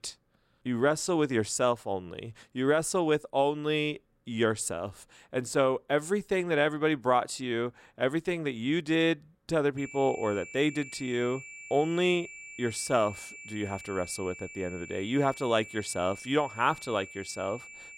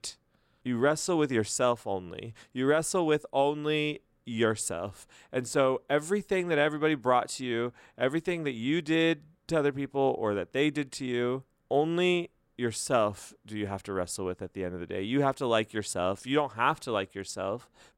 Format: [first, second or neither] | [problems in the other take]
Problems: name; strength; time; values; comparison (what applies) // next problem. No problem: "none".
second | high-pitched whine; noticeable; from 10 s on; 2.5 kHz, 15 dB below the speech